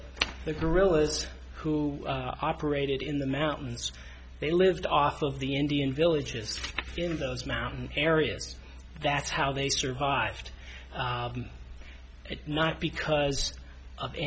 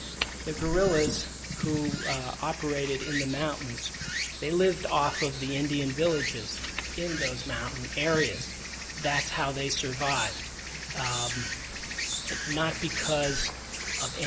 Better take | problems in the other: first | background sound (Insect); 5 dB below the speech

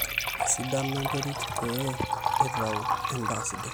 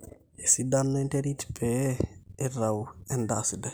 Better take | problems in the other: second | background sound (Liquid); 2 dB above the speech

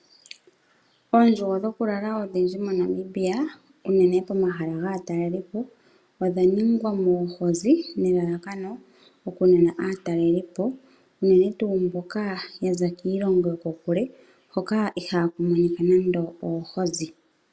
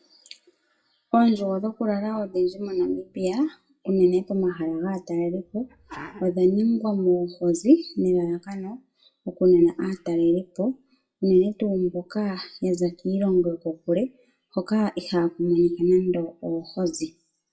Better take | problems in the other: first | noise reduction (classical method WPE with log-MMSE)

